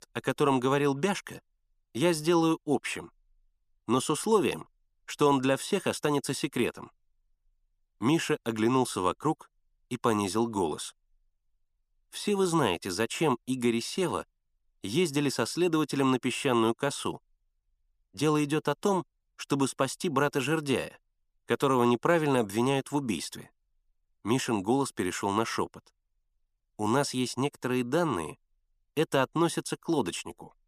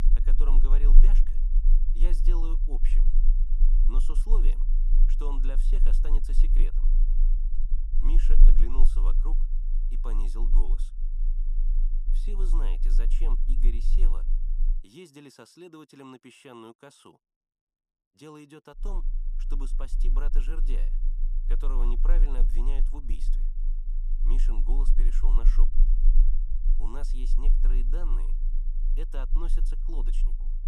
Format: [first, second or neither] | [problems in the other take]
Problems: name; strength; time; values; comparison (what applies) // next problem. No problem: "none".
first | low rumble; loud; until 15 s and from 19 s on; 9 dB below the speech